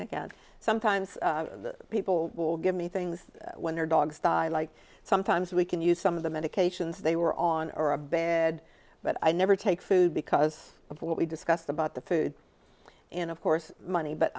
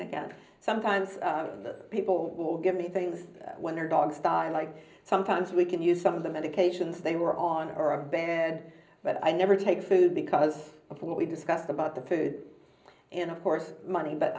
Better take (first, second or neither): first